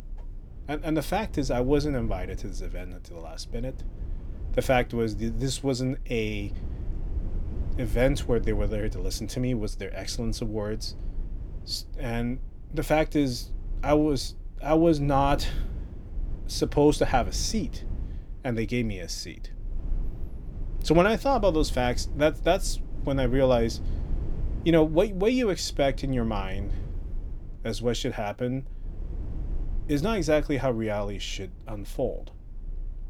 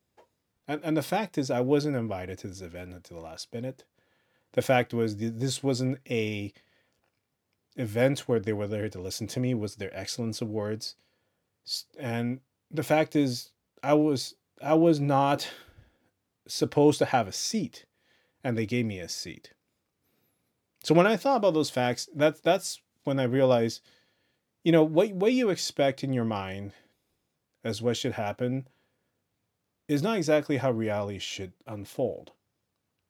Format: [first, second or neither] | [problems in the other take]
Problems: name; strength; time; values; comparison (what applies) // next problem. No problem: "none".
second | low rumble; faint; throughout; 25 dB below the speech